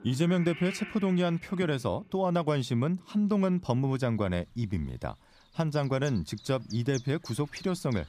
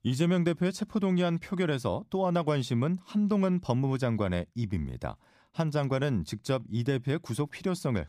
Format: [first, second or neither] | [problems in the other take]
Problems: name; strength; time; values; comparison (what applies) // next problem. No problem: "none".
second | animal sounds; noticeable; throughout; 15 dB below the speech